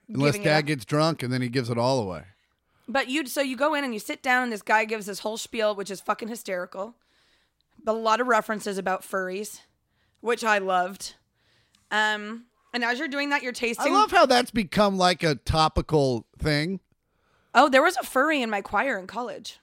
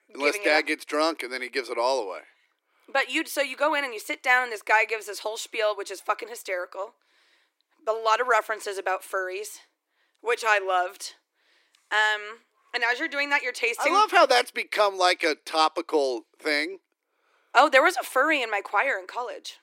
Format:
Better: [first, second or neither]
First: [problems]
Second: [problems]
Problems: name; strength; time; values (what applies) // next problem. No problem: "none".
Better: first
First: none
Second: thin; very; fading below 300 Hz